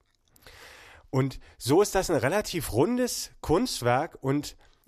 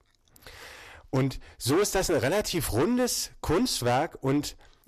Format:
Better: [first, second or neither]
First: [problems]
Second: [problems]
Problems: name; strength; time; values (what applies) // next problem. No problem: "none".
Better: first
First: none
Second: distortion; heavy; 10% of the sound clipped